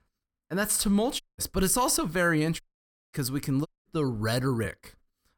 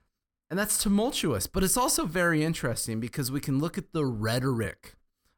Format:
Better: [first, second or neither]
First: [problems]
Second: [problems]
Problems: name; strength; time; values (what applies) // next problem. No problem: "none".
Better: second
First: audio cutting out; at 1 s, at 2.5 s for 0.5 s and at 3.5 s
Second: none